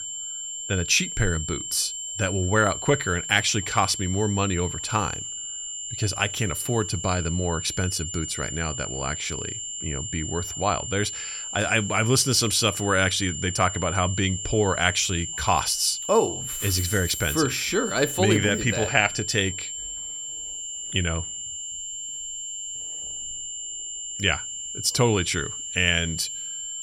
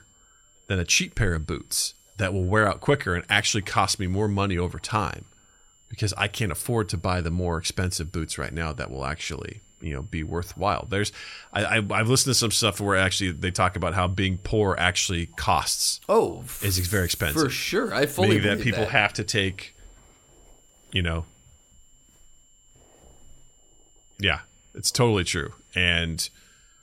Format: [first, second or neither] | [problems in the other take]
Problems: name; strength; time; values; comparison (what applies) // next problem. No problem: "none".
second | high-pitched whine; loud; throughout; 7.5 kHz, 6 dB below the speech; faint in the second